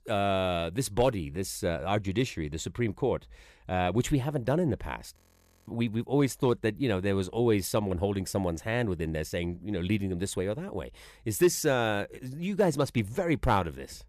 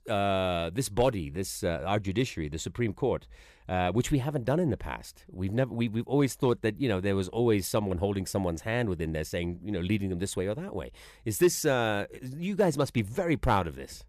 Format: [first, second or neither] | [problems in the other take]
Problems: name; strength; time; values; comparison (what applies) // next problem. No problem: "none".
second | audio freezing; at 5 s for 0.5 s